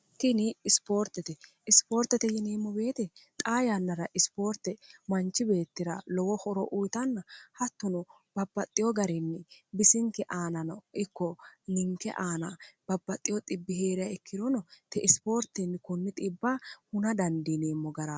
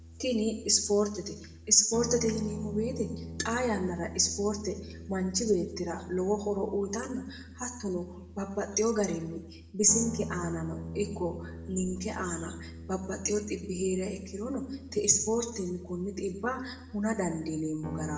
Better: first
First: none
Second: background sound (Guitar); 12 dB below the speech // room echo; dies away in 0.7 s

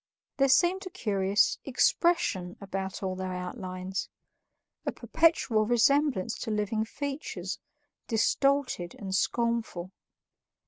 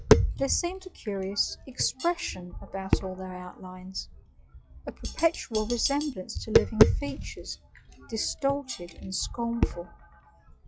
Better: first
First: none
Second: noise reduction (classical method log-MMSE)

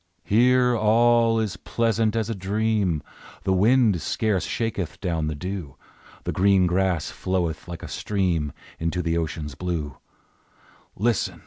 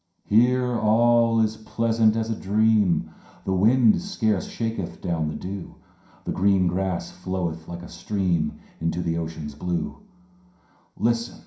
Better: first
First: none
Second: room echo; dies away in 0.5 s

